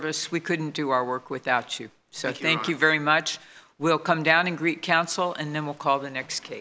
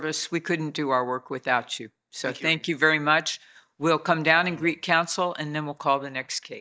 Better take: first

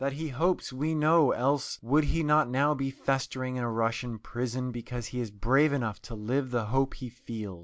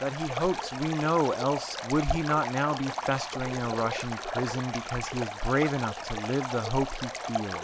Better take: first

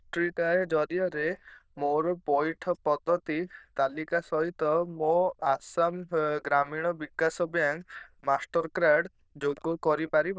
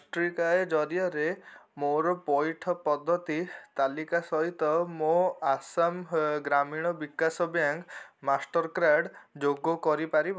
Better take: second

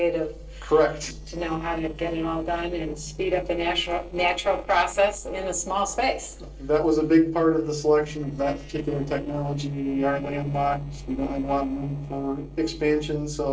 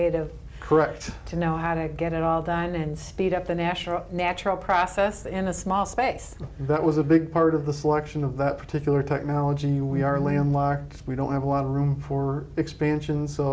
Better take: second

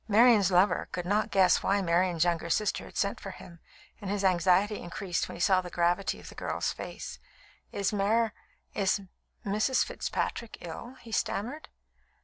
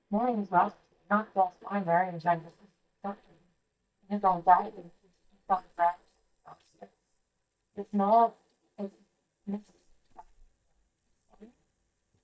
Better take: first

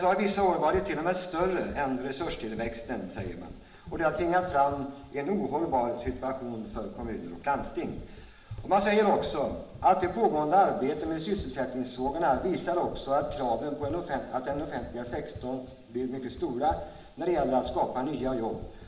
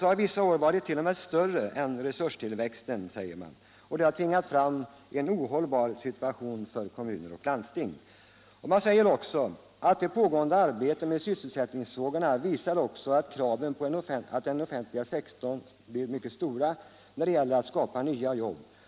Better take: second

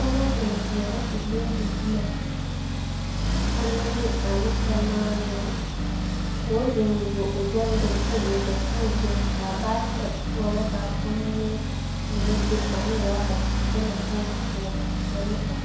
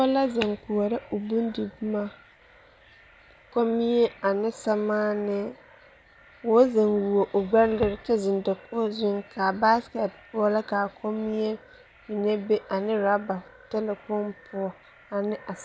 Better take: second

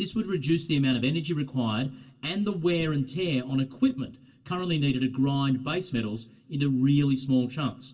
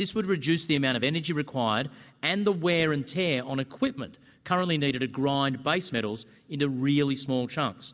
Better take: second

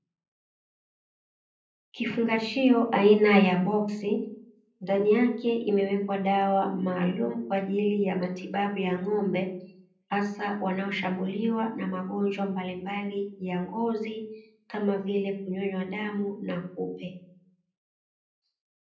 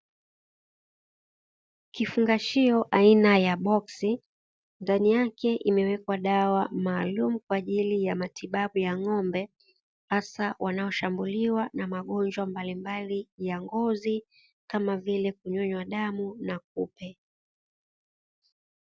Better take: second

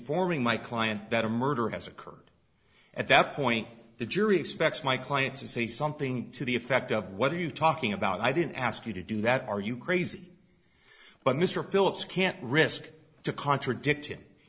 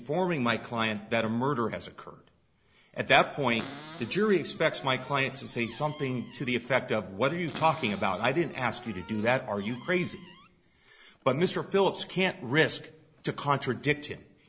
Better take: first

